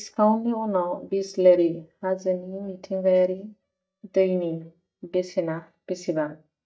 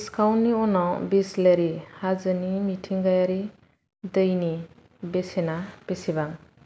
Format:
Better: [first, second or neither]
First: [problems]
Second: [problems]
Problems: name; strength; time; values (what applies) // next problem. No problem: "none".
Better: second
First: noise reduction (neural mask model DeepFilterNet 3)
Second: none